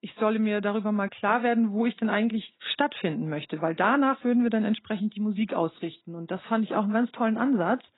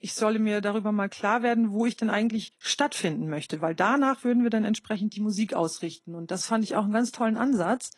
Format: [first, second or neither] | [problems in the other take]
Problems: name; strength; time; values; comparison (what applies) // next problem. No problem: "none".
second | garbled, watery; badly; nothing above 4 kHz; slightly in the second